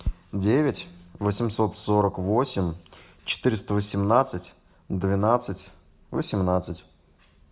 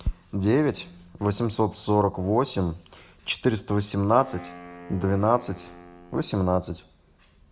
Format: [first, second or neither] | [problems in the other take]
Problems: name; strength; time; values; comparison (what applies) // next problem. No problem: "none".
first | background sound (Wind instrument, woodwind instrument); 19 dB below the speech